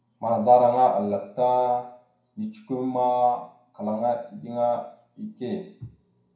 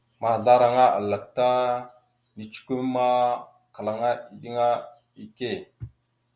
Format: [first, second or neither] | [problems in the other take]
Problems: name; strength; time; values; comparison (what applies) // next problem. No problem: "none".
second | room echo; dies away in 0.5 s